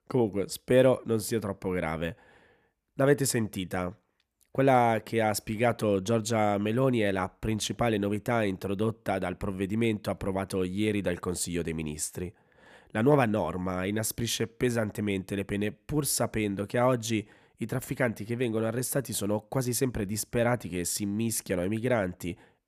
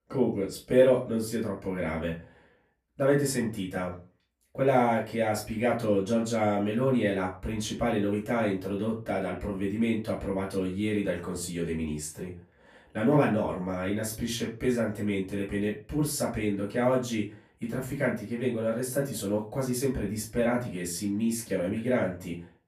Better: first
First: none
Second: off-mic speech; far // room echo; slight; dies away in 0.3 s

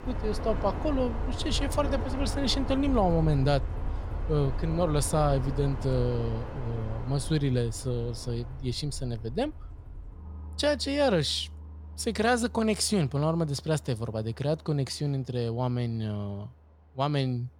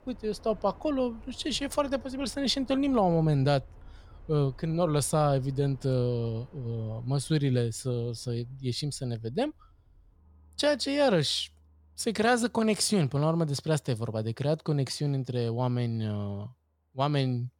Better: second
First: train or aircraft noise; loud; throughout; 8 dB below the speech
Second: train or aircraft noise; faint; throughout; 25 dB below the speech

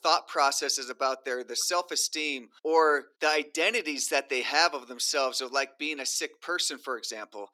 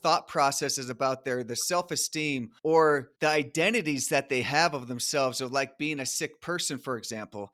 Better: second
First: thin; somewhat; fading below 300 Hz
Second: none

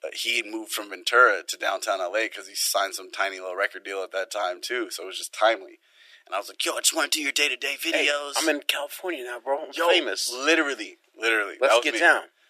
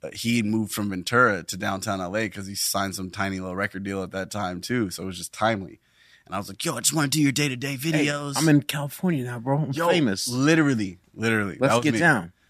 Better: second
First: thin; very; fading below 350 Hz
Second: none

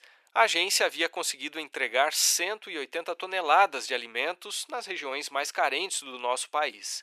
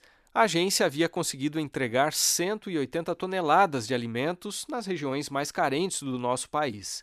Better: second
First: thin; very; fading below 500 Hz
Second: none

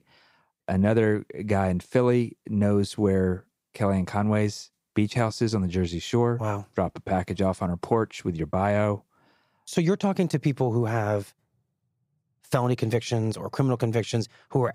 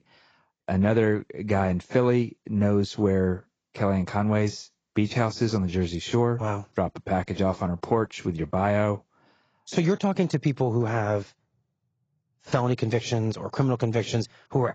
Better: first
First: none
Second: garbled, watery; badly; nothing above 7.5 kHz

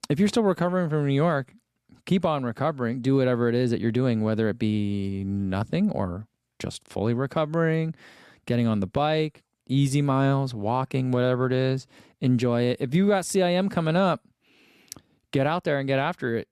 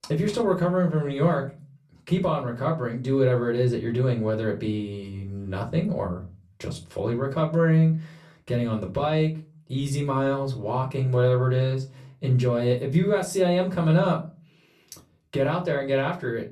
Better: first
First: none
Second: off-mic speech; far // room echo; very slight; dies away in 0.3 s

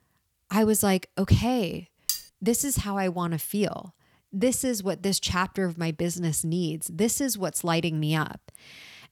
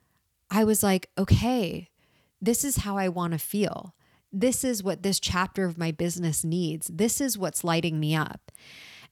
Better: second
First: clattering dishes; noticeable; at 2 s; peak 3 dB below the speech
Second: none

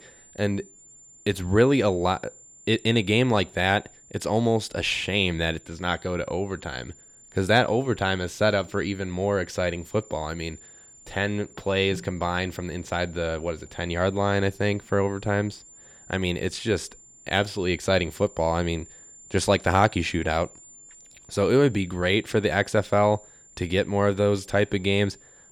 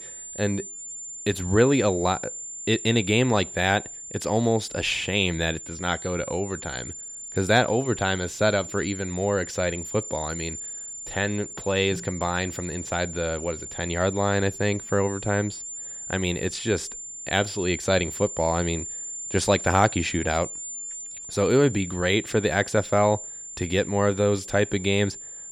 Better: first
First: high-pitched whine; faint; throughout; 7 kHz, 25 dB below the speech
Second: high-pitched whine; loud; throughout; 7 kHz, 9 dB below the speech

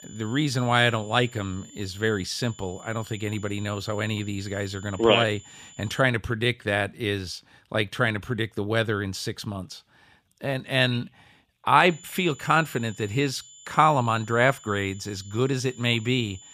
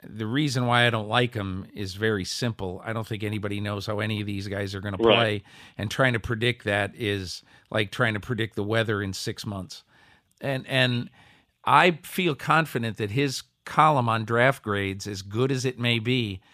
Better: second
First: high-pitched whine; faint; until 6 s and from 12 s on; 7 kHz, 20 dB below the speech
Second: none

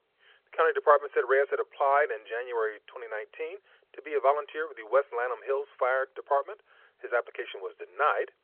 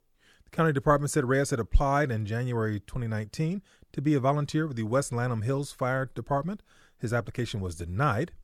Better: second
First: phone-call audio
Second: none

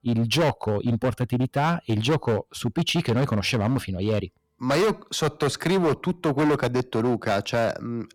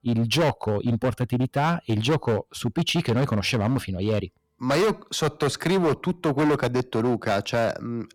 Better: neither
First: distortion; heavy; 15% of the sound clipped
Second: distortion; heavy; 15% of the sound clipped

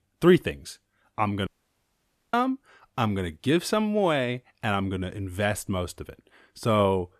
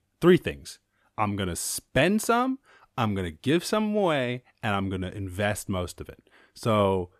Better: second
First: audio cutting out; at 1.5 s for 1 s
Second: none

